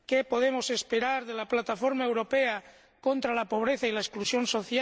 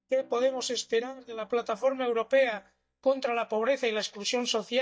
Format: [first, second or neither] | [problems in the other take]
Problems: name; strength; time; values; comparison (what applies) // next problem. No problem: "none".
first | noise reduction (neural mask model DeepFilterNet 3)